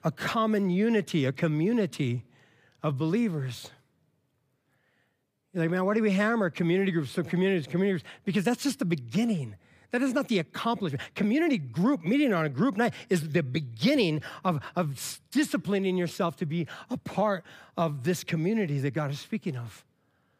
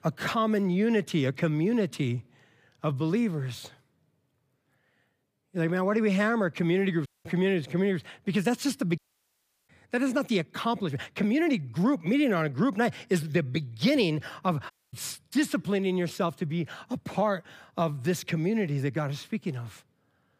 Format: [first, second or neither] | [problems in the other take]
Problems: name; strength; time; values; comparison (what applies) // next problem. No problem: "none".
first | audio cutting out; at 7 s, at 9 s for 0.5 s and at 15 s